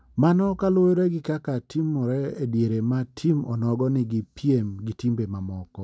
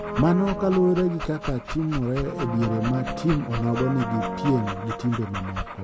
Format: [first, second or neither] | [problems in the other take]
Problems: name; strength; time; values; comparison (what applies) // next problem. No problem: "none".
first | background sound (Brass instrument + Dog); 7 dB below the speech